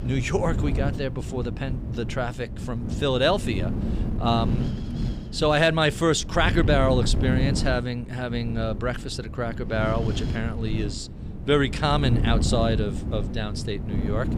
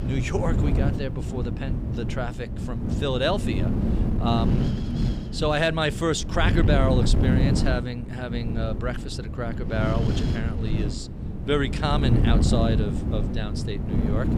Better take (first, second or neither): first